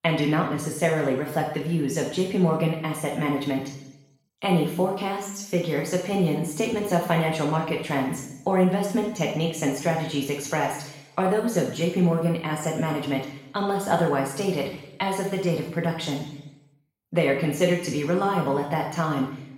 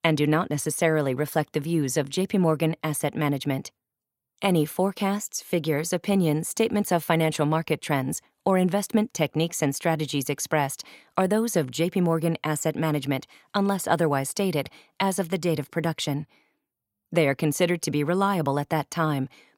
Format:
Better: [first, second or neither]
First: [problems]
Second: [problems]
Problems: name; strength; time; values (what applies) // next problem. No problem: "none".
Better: second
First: room echo; noticeable; dies away in 0.8 s // off-mic speech; far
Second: none